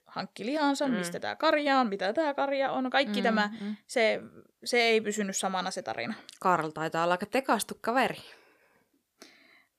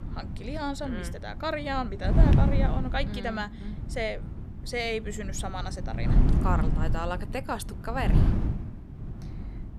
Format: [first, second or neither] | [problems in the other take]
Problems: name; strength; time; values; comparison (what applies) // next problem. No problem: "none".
first | wind noise on the microphone; heavy; 6 dB below the speech